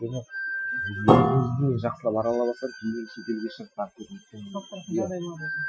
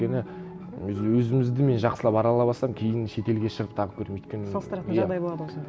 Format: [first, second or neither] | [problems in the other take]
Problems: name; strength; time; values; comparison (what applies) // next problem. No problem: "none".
second | noise reduction (classical method Wiener filter)